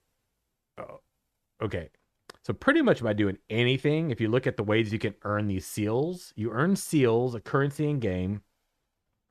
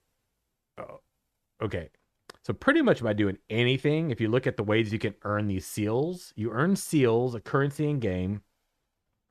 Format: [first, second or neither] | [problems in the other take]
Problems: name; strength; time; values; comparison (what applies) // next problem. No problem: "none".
neither | none